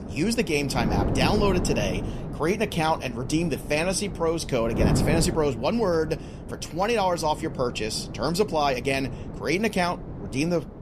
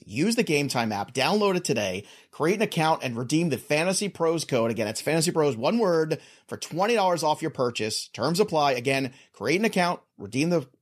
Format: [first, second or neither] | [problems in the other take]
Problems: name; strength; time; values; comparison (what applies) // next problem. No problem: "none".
second | wind noise on the microphone; occasional gusts; 10 dB below the speech